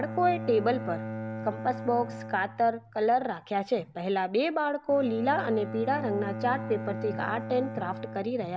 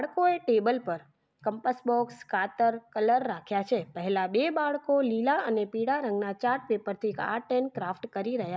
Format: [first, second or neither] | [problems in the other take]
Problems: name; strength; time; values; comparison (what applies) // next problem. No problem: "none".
second | background sound (Bowed string instrument); 9 dB below the speech